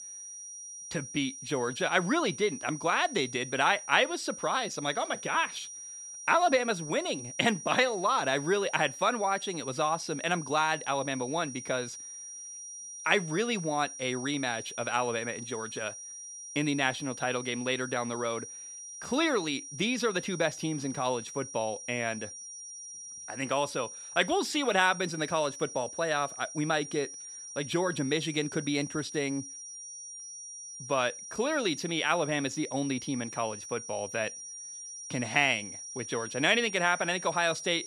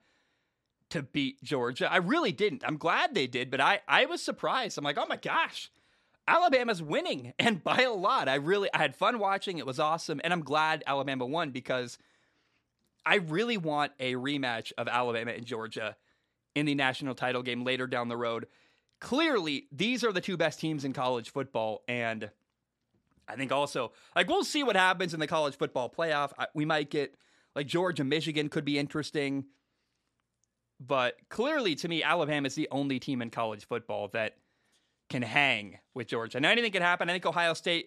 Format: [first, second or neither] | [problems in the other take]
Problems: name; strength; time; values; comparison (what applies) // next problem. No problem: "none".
second | high-pitched whine; noticeable; throughout; 5.5 kHz, 10 dB below the speech